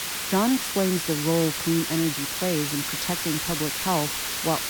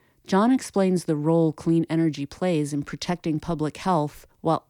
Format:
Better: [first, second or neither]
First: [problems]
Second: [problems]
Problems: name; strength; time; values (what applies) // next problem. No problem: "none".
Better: second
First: hiss; loud; throughout; as loud as the speech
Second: none